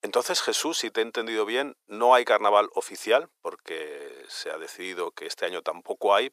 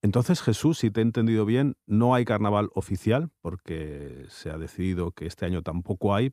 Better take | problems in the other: second | thin; very; fading below 500 Hz

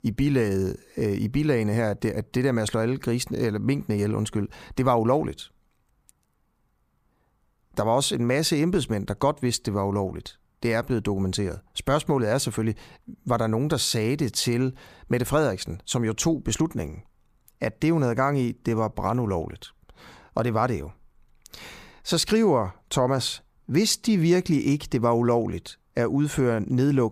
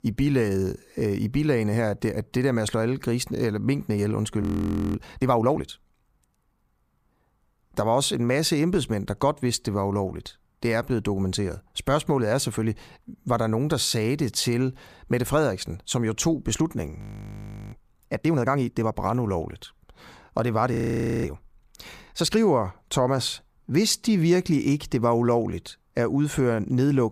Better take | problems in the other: first | audio freezing; at 4.5 s for 0.5 s, at 17 s for 0.5 s and at 21 s for 0.5 s

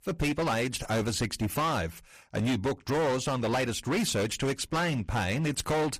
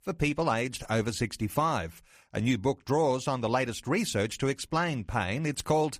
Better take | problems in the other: second | distortion; heavy; 20% of the sound clipped

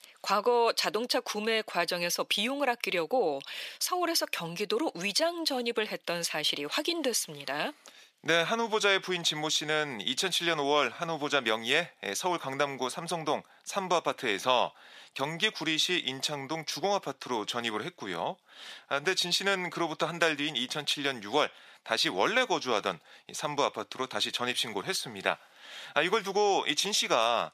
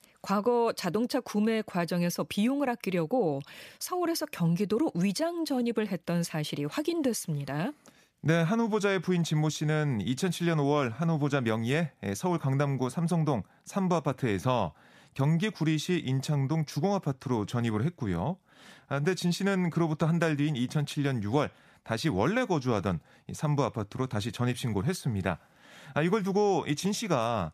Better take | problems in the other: second | thin; somewhat; fading below 450 Hz

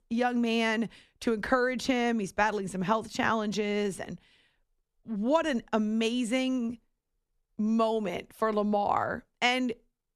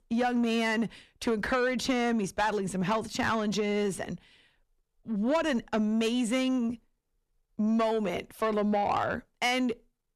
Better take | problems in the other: first | distortion; slight; 10 dB below the speech

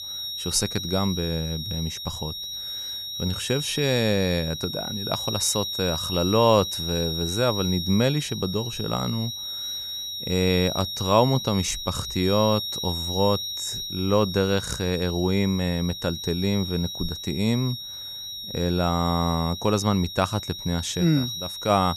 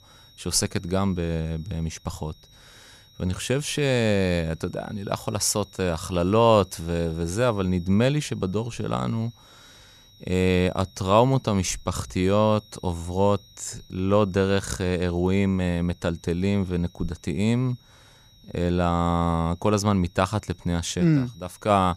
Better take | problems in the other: second | high-pitched whine; loud; throughout; 4 kHz, 5 dB below the speech; faint in the second

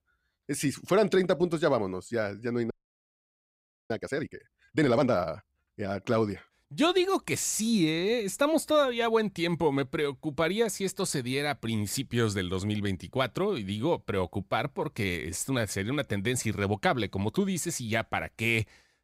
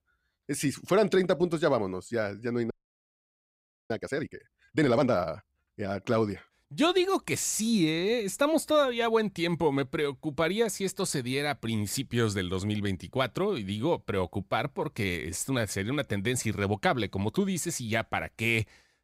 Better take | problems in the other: neither | audio freezing; at 2.5 s for 1 s; the same in both

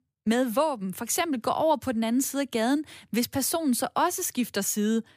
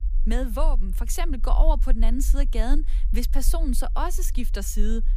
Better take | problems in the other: first | low rumble; noticeable; throughout; 20 dB below the speech

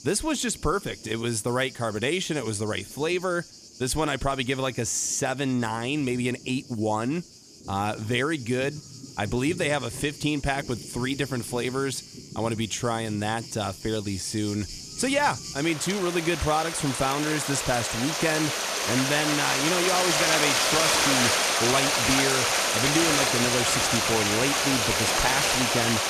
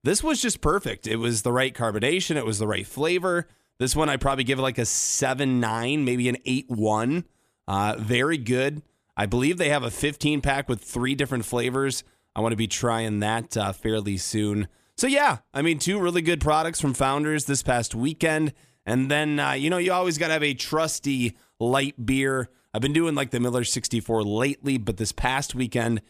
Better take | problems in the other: second | rain or running water; very loud; throughout; 4 dB above the speech

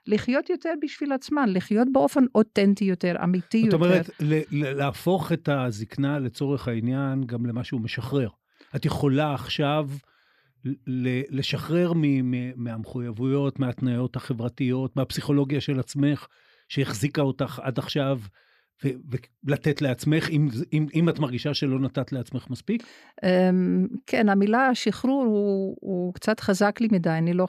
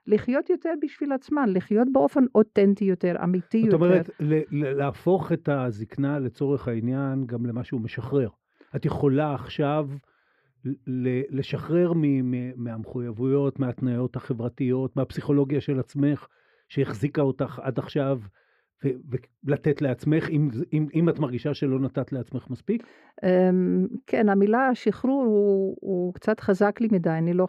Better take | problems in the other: first | muffled; slightly; fading above 3 kHz

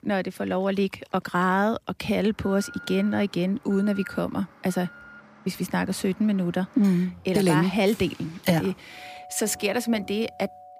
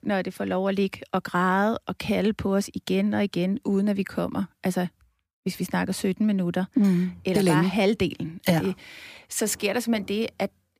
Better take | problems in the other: second | alarms or sirens; faint; throughout; 20 dB below the speech

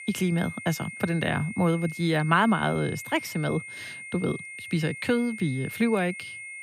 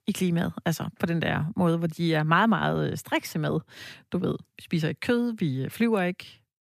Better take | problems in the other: second | high-pitched whine; noticeable; throughout; 2 kHz, 10 dB below the speech

